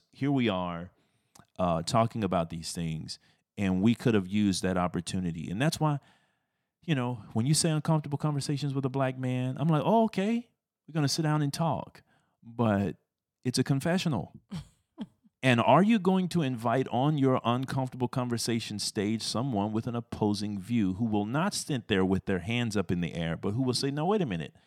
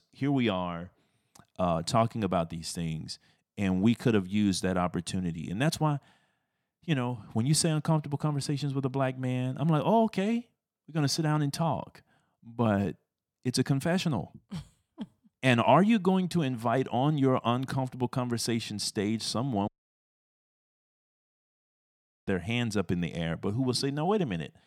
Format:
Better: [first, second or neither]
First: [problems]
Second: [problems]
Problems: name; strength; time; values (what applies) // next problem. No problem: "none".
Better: first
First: none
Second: audio cutting out; at 20 s for 2.5 s